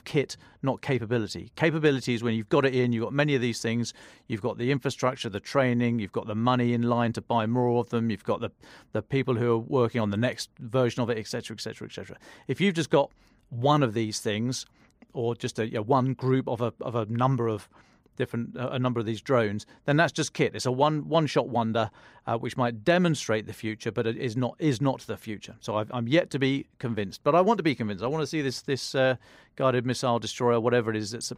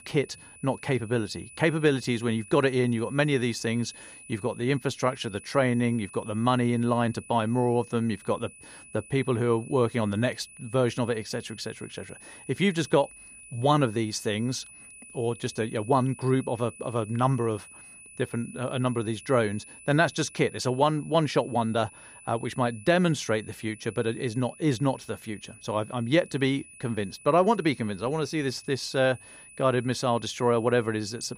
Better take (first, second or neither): first